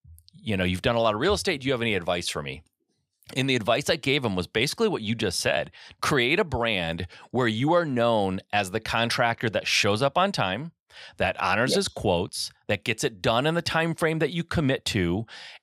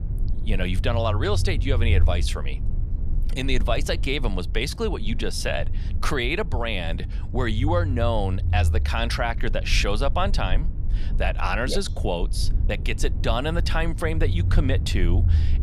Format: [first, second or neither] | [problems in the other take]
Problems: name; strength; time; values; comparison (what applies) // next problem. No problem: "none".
first | low rumble; noticeable; throughout; 15 dB below the speech